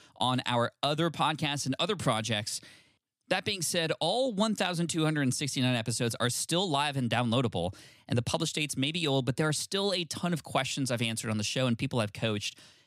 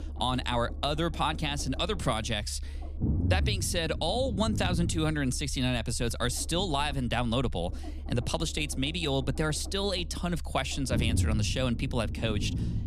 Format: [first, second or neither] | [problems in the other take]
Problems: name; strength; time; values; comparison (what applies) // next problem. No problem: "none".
first | low rumble; noticeable; throughout; 15 dB below the speech